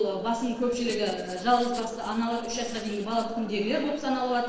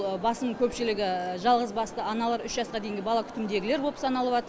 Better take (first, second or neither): second